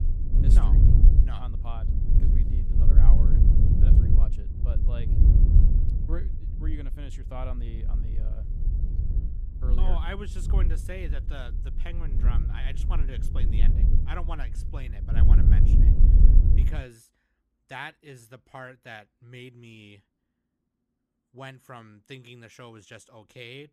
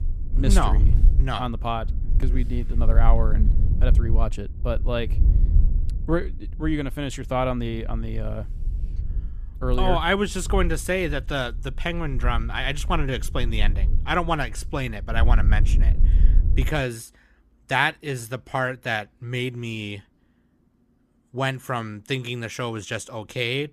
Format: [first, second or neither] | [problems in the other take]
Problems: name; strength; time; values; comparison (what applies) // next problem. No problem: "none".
second | wind noise on the microphone; heavy; until 17 s; as loud as the speech; occasional gusts in the second